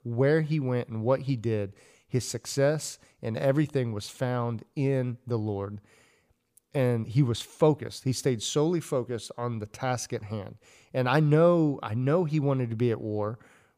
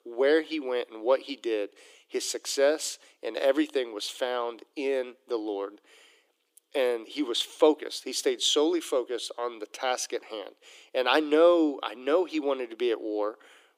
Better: first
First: none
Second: thin; somewhat; fading below 300 Hz

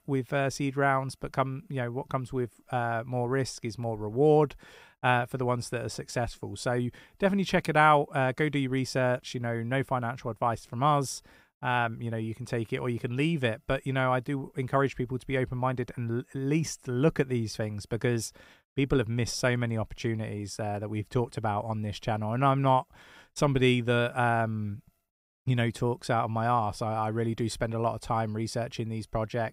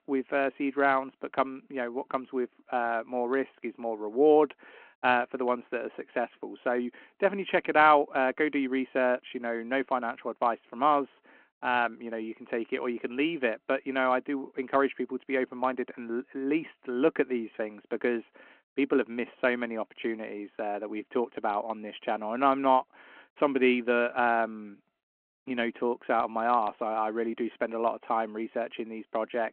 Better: first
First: none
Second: phone-call audio

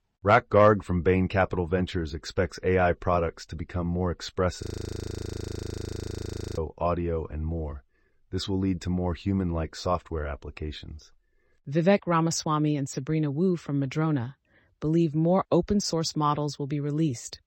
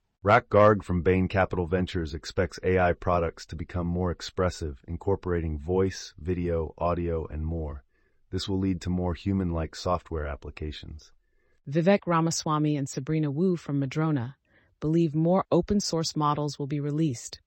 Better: second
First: audio freezing; at 4.5 s for 2 s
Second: none

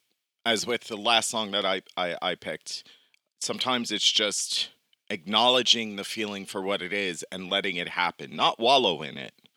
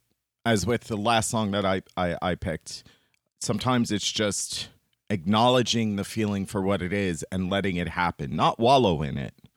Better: second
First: thin; somewhat; fading below 300 Hz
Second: none

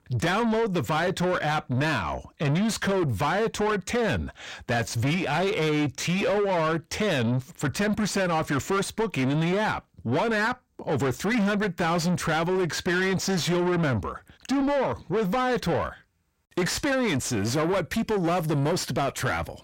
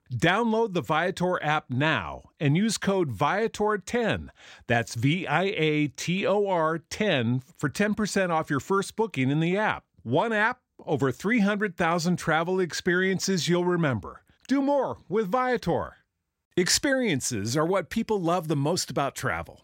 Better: second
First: distortion; heavy; 7 dB below the speech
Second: none

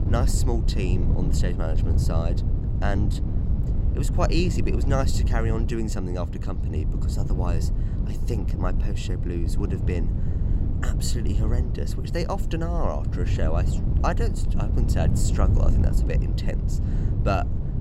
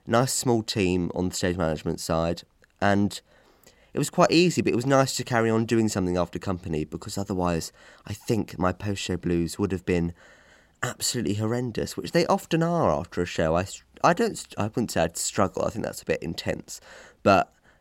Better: second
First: wind noise on the microphone; heavy; 6 dB below the speech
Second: none

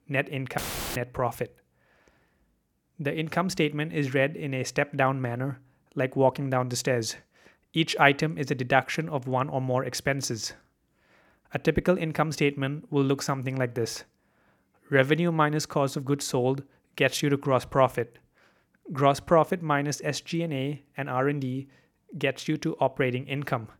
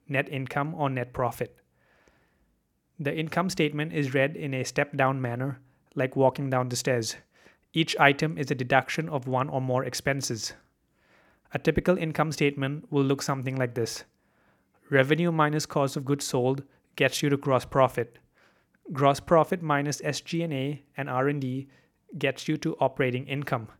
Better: second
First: audio cutting out; filled with static; at 0.5 s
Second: none

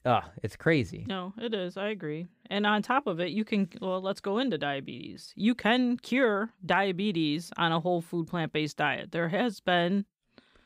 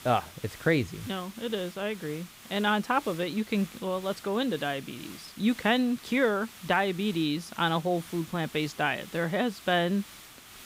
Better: first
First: none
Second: hiss; noticeable; throughout; 15 dB below the speech

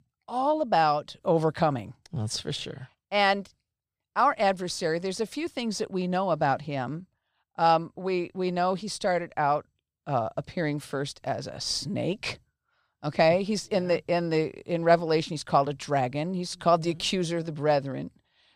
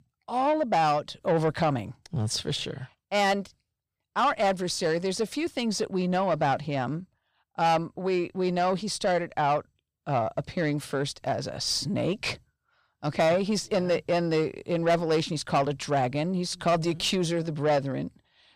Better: first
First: none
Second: distortion; slight; 10 dB below the speech

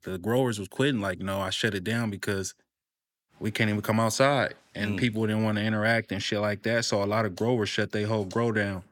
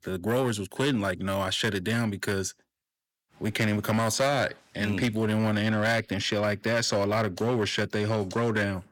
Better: first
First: none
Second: distortion; slight; 8% of the sound clipped

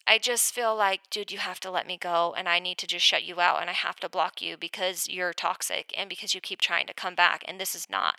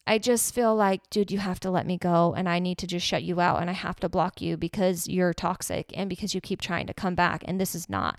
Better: second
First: thin; very; fading below 750 Hz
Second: none

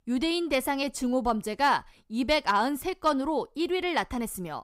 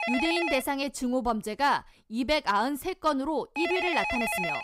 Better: first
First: none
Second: phone ringing; loud; peak level with the speech

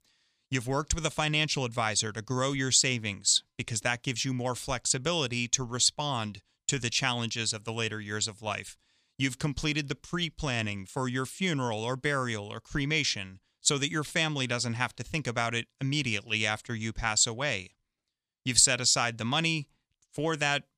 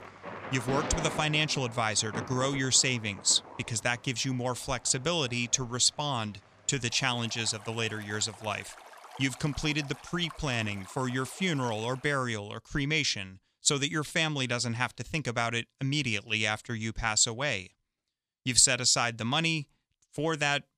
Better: first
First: none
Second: rain or running water; noticeable; until 12 s; 15 dB below the speech

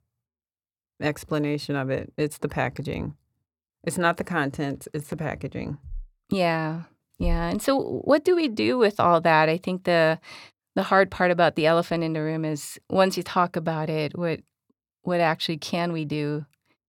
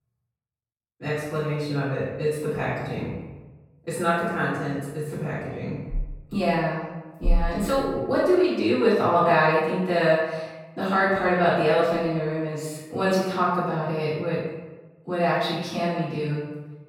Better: first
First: none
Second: off-mic speech; far // room echo; strong; dies away in 0.9 s

